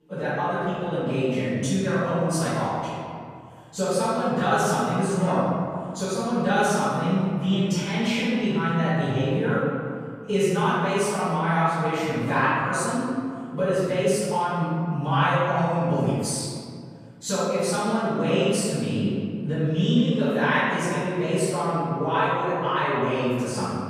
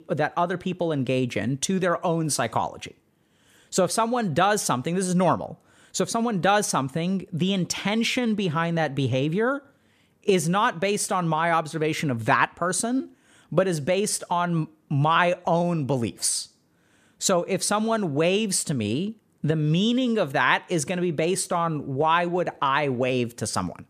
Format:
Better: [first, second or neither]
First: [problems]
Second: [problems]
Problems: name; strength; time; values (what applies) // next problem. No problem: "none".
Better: second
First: off-mic speech; far // room echo; strong; dies away in 2 s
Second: none